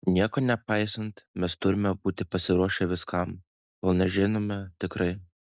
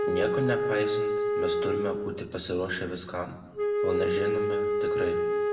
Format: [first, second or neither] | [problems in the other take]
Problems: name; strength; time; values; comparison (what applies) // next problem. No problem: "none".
first | background sound (Wind instrument, woodwind instrument); 5 dB above the speech // room echo; dies away in 0.8 s